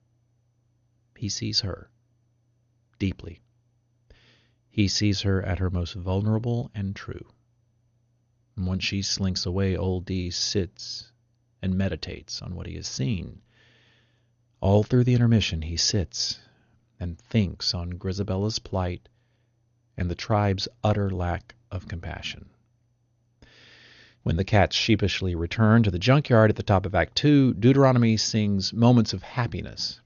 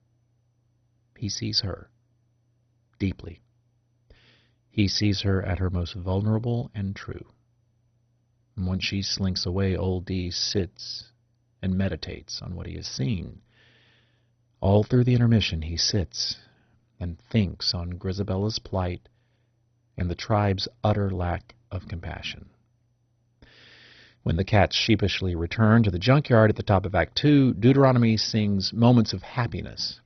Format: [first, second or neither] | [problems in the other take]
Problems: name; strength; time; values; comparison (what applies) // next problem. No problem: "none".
first | garbled, watery; badly; nothing above 6 kHz; slightly in the first